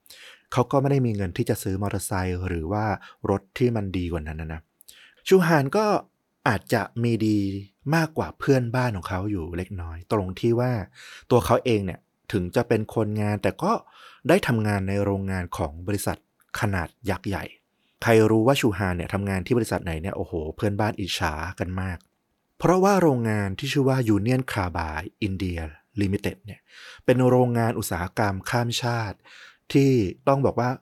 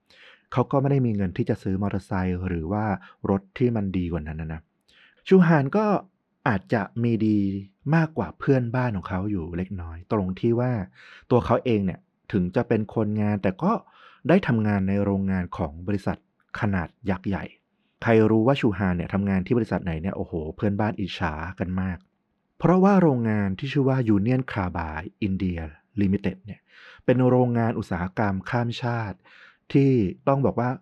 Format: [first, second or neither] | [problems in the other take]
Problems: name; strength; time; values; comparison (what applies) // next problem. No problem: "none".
first | muffled; slightly; fading above 3 kHz